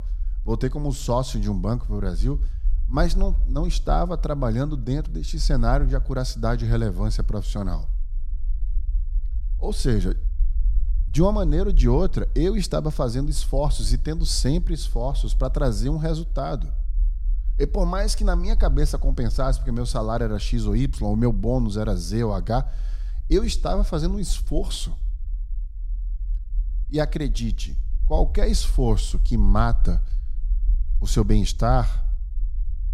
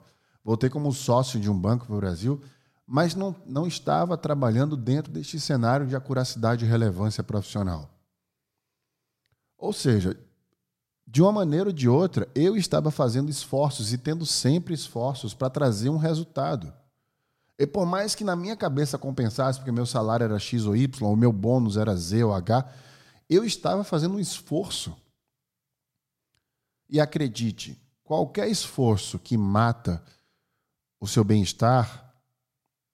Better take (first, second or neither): second